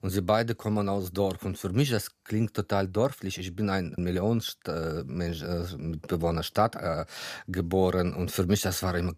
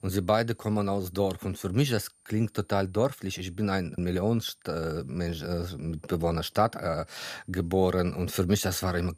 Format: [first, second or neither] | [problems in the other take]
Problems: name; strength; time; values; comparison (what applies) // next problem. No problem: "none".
first | high-pitched whine; faint; throughout; 9 kHz, 35 dB below the speech